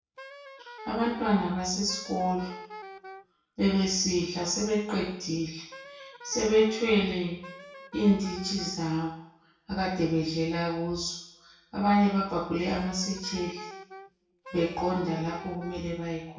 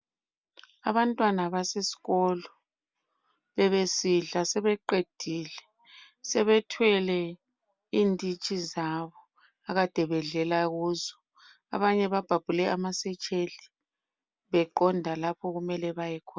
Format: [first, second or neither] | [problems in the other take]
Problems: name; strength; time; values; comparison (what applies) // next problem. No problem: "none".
second | background sound (Wind instrument, woodwind instrument); 16 dB below the speech // room echo; dies away in 0.6 s